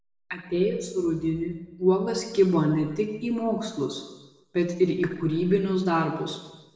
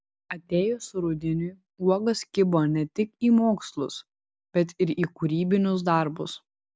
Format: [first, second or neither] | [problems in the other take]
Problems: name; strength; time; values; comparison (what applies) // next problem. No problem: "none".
second | room echo; dies away in 1 s